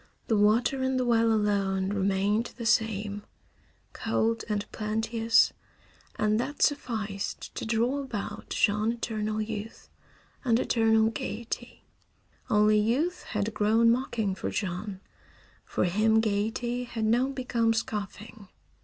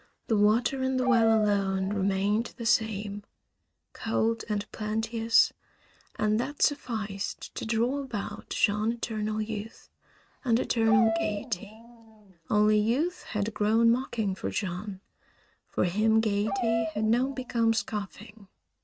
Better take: first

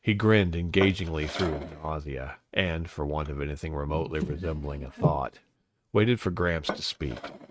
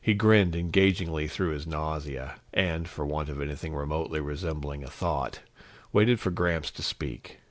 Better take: second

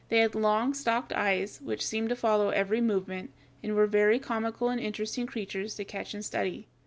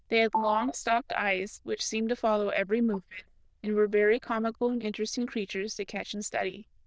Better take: first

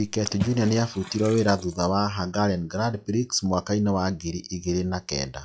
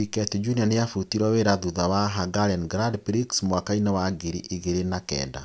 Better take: second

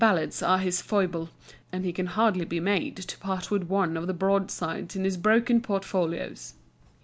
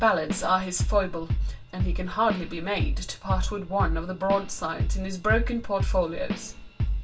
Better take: first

